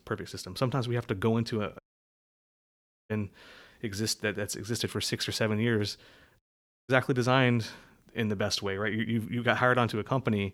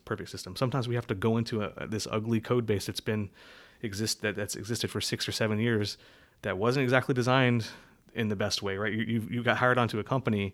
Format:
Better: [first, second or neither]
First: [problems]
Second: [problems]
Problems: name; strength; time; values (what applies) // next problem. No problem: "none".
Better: second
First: audio cutting out; at 2 s for 1.5 s and at 6.5 s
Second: none